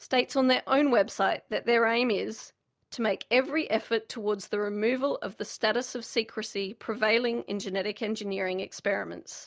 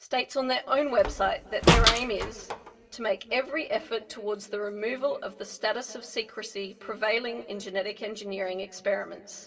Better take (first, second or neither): first